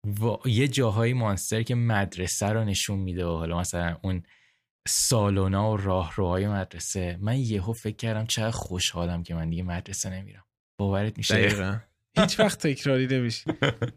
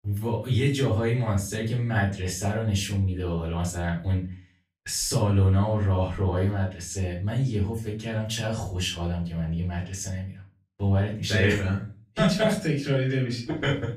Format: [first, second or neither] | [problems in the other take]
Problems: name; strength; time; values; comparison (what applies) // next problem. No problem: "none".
first | off-mic speech; far // room echo; slight; dies away in 0.3 s